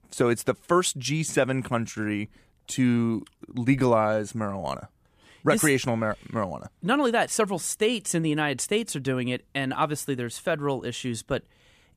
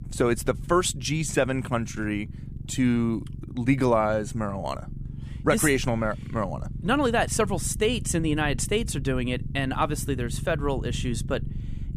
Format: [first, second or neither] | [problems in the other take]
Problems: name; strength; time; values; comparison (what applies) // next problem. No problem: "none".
first | low rumble; faint; throughout; 20 dB below the speech